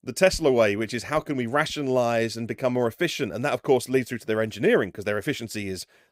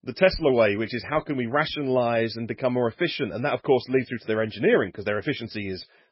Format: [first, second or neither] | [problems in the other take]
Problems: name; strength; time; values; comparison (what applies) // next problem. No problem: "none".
first | garbled, watery; badly; nothing above 5.5 kHz